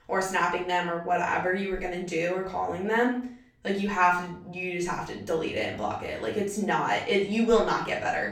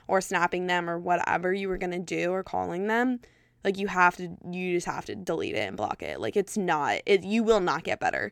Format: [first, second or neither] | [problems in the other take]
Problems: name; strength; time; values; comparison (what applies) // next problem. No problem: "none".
second | off-mic speech; far // room echo; slight; dies away in 0.4 s